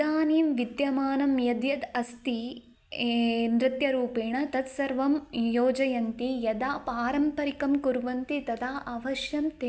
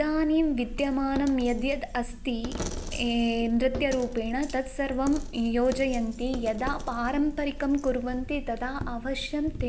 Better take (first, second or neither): first